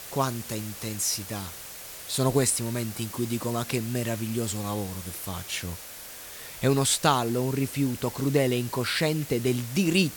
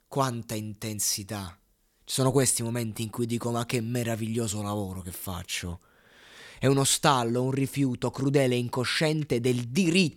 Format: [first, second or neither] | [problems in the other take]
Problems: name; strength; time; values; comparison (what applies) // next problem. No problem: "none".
second | hiss; noticeable; throughout; 10 dB below the speech